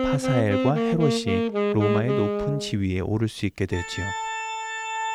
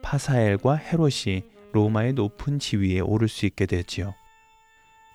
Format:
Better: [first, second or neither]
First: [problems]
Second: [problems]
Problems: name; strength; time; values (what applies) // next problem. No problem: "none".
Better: second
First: background music; loud; throughout; as loud as the speech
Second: background music; faint; throughout; 30 dB below the speech